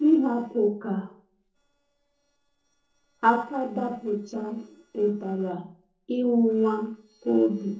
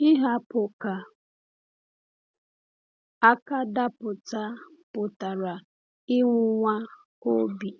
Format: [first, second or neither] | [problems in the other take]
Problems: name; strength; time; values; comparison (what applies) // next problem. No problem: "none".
second | noise reduction (neural separator model SepFormer DNS4)